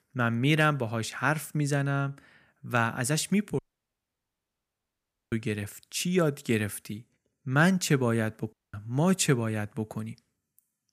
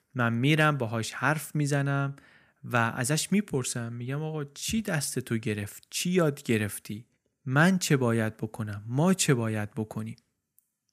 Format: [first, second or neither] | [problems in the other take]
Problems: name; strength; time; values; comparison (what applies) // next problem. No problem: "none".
second | audio cutting out; at 3.5 s for 1.5 s and at 8.5 s